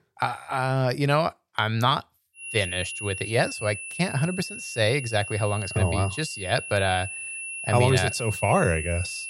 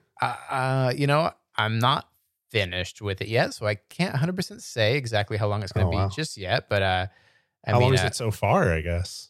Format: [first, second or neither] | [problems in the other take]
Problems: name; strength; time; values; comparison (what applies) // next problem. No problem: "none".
second | high-pitched whine; loud; from 2.5 s on; 2.5 kHz, 8 dB below the speech